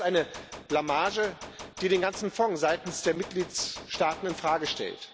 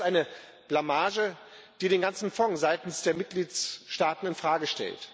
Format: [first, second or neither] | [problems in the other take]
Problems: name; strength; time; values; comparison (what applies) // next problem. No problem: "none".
second | background sound (Gunshot, gunfire); 15 dB below the speech